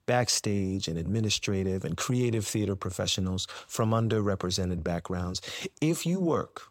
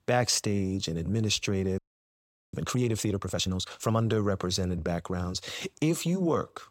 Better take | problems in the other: first | audio freezing; at 2 s for 0.5 s

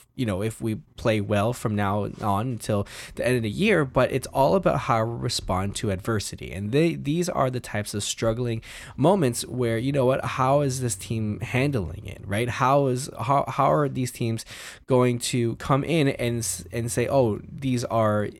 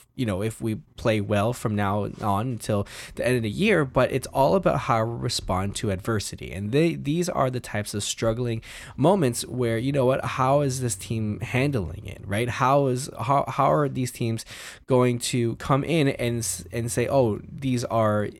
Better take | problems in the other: neither | none

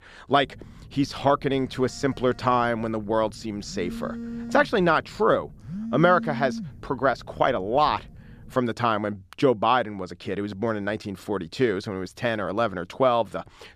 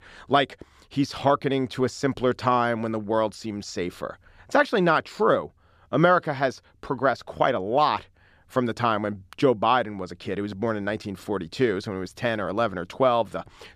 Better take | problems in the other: second | phone ringing; noticeable; until 8.5 s; peak 7 dB below the speech

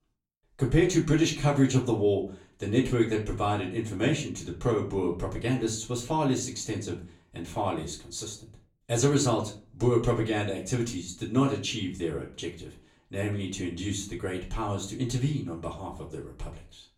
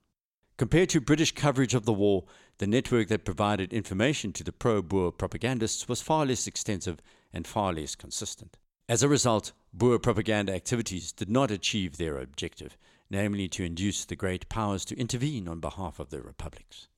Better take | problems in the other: second | off-mic speech; far // room echo; very slight; dies away in 0.3 s

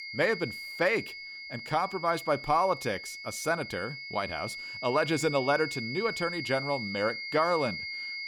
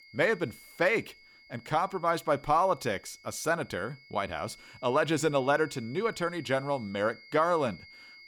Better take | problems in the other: second | high-pitched whine; loud; throughout; 2 kHz, 7 dB below the speech; faint in the second

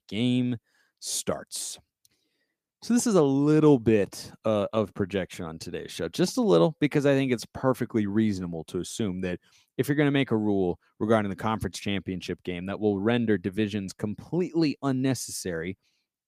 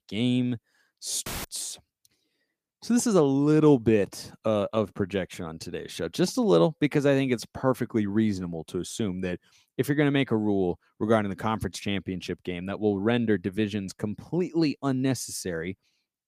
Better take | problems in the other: first | audio cutting out; filled with static; at 1.5 s

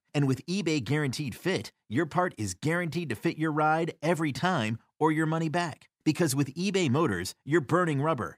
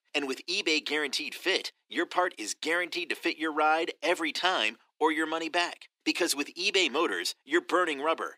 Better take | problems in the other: first | thin; very; fading below 350 Hz

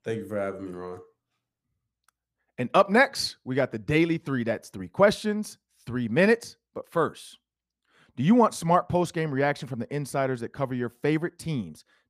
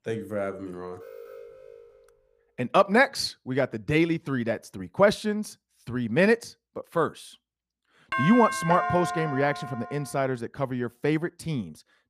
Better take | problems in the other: first | alarm; faint; from 1 to 2 s; peak 20 dB below the speech // doorbell; noticeable; from 8 to 10 s; peak 2 dB below the speech

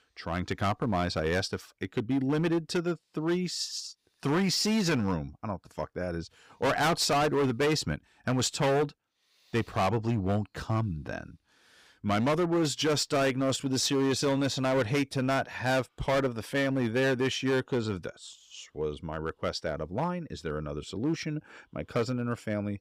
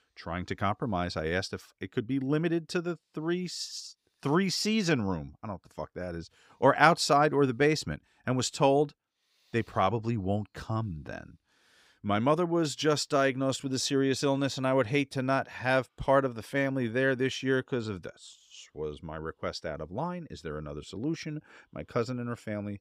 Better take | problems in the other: second | distortion; heavy; 10% of the sound clipped

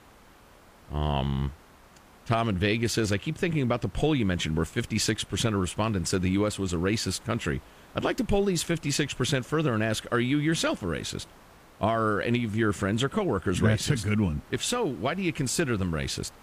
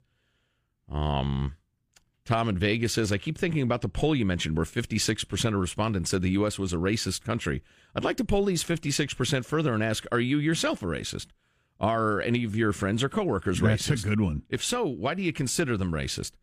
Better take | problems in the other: second | hiss; faint; throughout; 25 dB below the speech

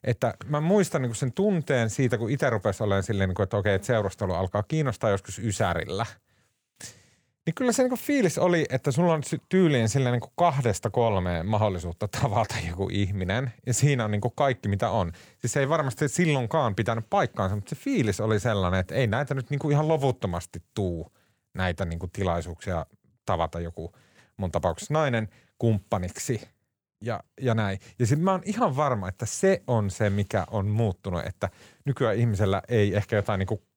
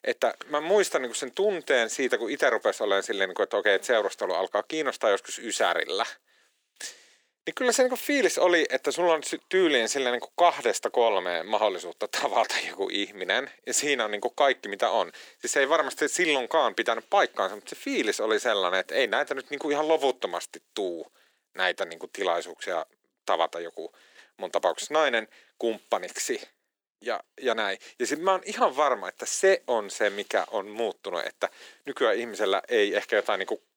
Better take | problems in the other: first | thin; very; fading below 300 Hz

